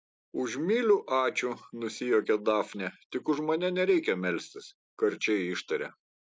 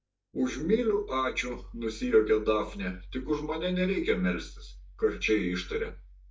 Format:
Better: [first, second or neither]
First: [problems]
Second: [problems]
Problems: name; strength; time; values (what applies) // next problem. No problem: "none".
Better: first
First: none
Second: noise reduction (neural mask model DeepFilterNet 3)